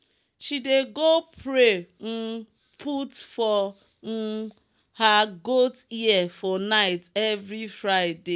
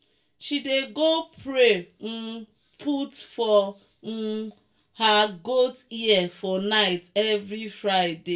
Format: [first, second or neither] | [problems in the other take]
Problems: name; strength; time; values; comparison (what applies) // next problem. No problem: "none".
first | room echo; dies away in 0.2 s